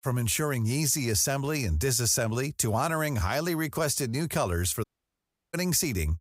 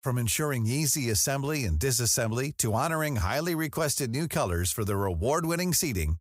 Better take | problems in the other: second | audio cutting out; at 5 s for 0.5 s

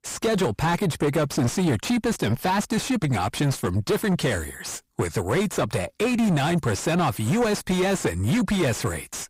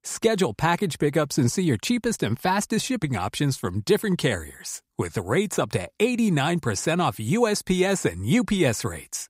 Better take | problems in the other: second | distortion; heavy; 7 dB below the speech

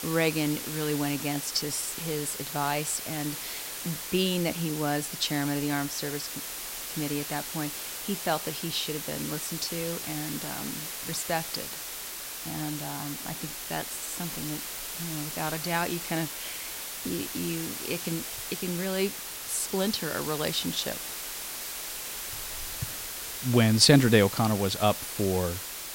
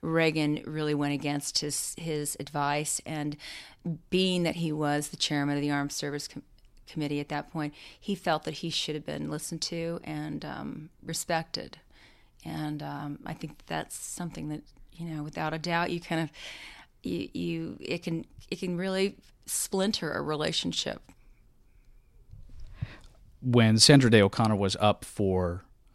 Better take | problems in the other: second | hiss; loud; throughout; 5 dB below the speech

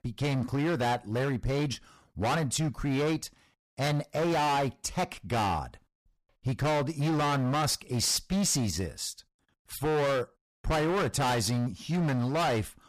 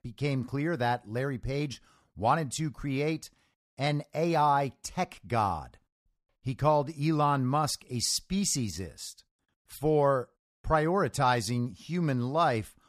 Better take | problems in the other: second | distortion; heavy; 23% of the sound clipped

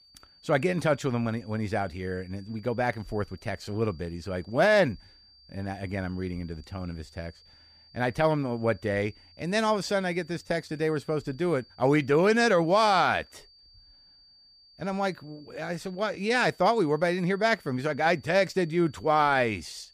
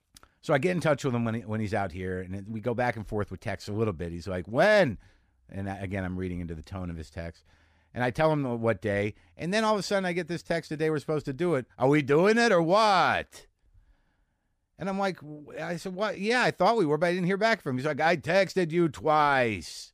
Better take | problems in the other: second | high-pitched whine; faint; throughout; 4.5 kHz, 30 dB below the speech

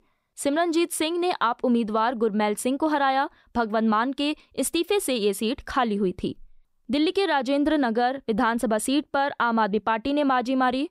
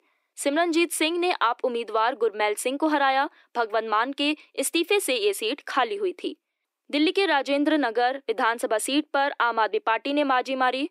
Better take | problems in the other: first | thin; very slightly; fading below 300 Hz

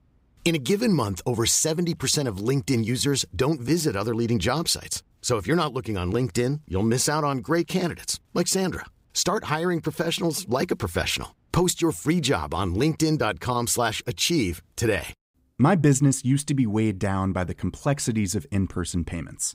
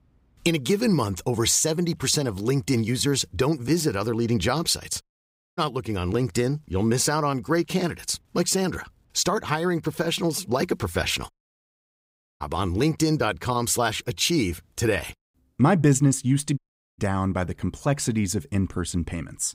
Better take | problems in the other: first | audio cutting out; at 5 s for 0.5 s, at 11 s for 1 s and at 17 s

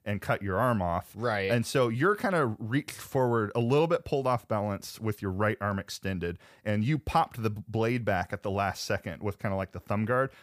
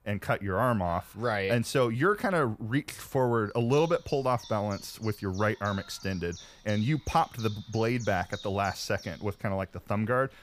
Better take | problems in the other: first | animal sounds; noticeable; throughout; 20 dB below the speech

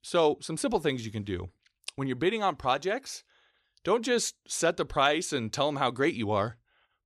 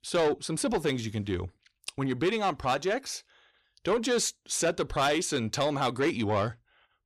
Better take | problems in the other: first | distortion; slight; 10 dB below the speech

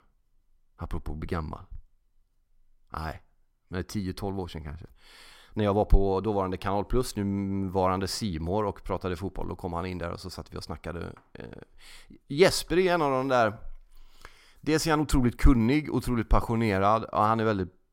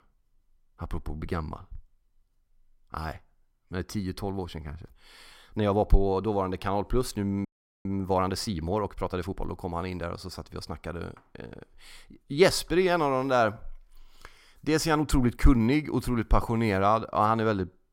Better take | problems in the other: first | audio freezing; at 7.5 s

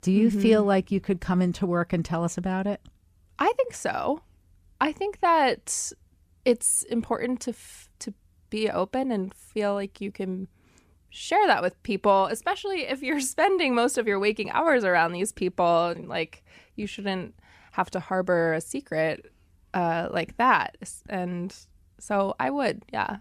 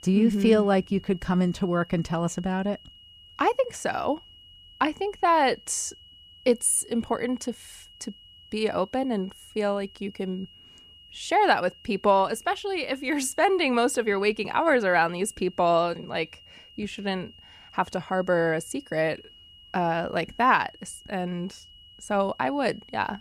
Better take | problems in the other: first | high-pitched whine; faint; throughout; 3 kHz, 25 dB below the speech

